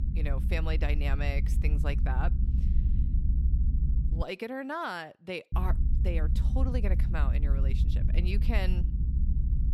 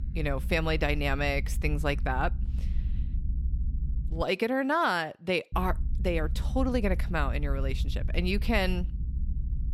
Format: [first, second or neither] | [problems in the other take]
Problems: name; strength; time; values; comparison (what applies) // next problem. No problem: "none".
second | low rumble; loud; until 4 s and from 5.5 s on; 9 dB below the speech; faint in the second